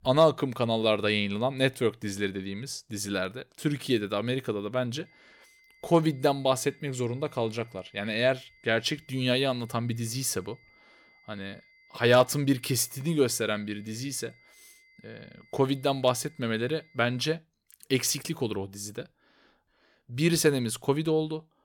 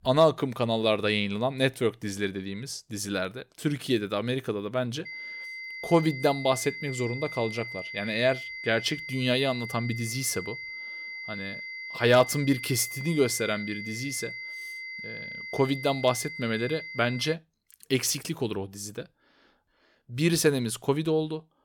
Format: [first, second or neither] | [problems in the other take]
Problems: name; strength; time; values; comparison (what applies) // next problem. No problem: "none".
first | high-pitched whine; loud; from 5 to 17 s; 2 kHz, 9 dB below the speech; faint in the first